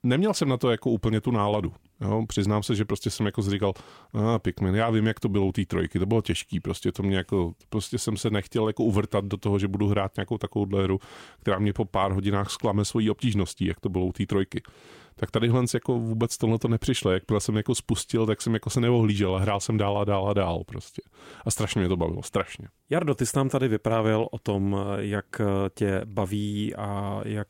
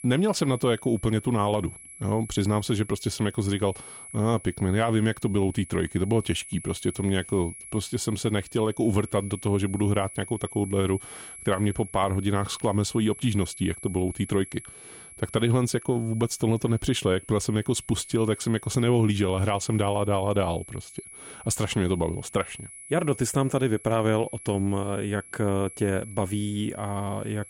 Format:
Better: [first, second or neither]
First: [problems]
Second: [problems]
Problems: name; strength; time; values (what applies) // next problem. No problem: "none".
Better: first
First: none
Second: high-pitched whine; noticeable; throughout; 10.5 kHz, 15 dB below the speech